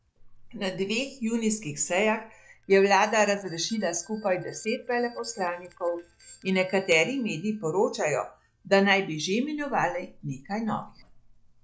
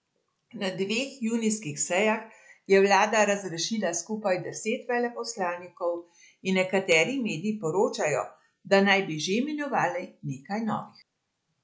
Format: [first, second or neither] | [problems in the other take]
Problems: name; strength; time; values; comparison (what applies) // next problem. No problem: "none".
second | noise reduction (neural separator model SepFormer DNS4)